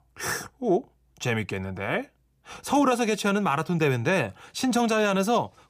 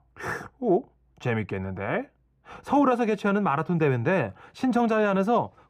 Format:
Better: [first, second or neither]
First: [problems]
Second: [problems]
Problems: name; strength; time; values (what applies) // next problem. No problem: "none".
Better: first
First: none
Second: muffled; very; fading above 3 kHz